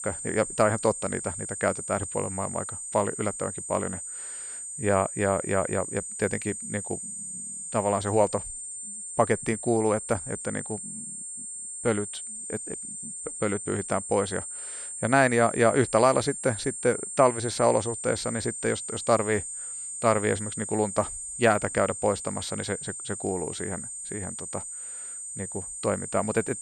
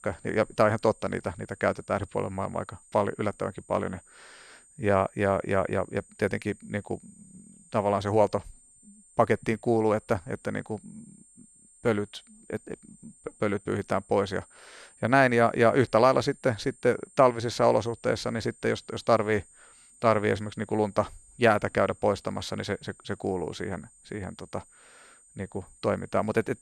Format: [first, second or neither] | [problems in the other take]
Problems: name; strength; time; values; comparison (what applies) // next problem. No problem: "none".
second | high-pitched whine; loud; throughout; 8.5 kHz, 7 dB below the speech; faint in the second